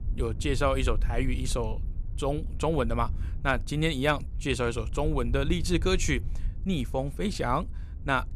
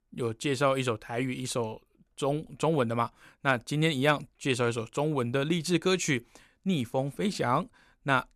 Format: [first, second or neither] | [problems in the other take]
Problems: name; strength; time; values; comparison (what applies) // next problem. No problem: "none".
second | wind noise on the microphone; occasional gusts; 20 dB below the speech